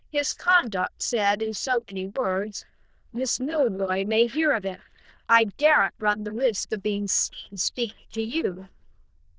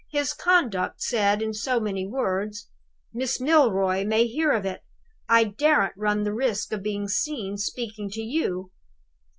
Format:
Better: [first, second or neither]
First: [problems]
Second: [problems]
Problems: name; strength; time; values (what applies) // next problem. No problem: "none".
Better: second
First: noise reduction (neural diffusion model UNIVERSE++)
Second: none